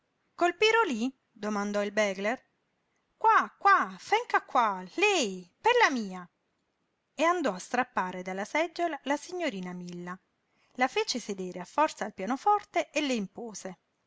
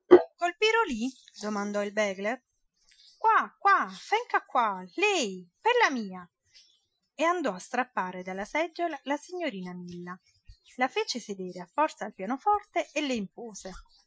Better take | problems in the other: first | noise reduction (classical method Wiener filter)

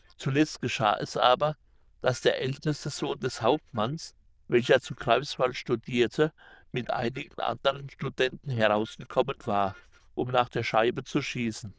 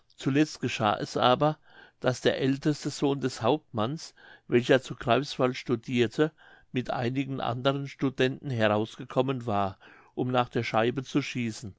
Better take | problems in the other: second | noise reduction (neural diffusion model UNIVERSE++)

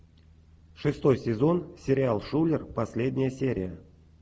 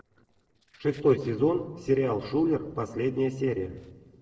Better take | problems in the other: first | noise reduction (neural separator model SepFormer DNS4)

